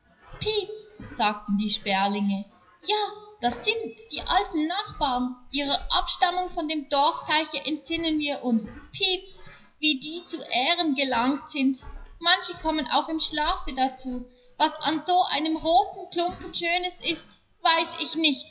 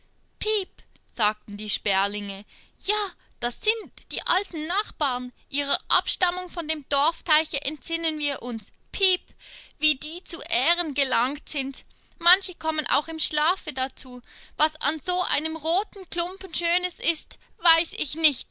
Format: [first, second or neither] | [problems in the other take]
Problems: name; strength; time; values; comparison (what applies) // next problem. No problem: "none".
second | noise reduction (classical method WPE with log-MMSE)